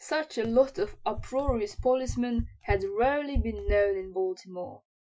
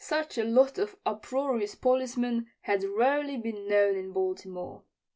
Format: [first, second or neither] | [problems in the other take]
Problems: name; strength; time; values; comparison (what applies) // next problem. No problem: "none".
second | noise reduction (classical method Wiener filter)